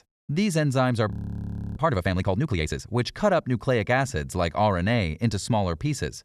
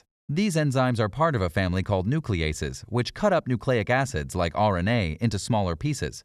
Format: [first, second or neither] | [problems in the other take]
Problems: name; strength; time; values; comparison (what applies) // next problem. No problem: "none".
second | audio freezing; at 1 s for 0.5 s